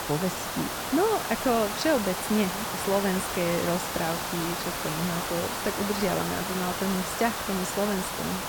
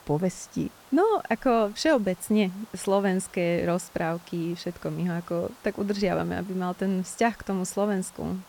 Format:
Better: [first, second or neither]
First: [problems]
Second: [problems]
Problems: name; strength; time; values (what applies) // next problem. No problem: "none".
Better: second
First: hiss; loud; throughout; 1 dB below the speech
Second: hiss; faint; throughout; 25 dB below the speech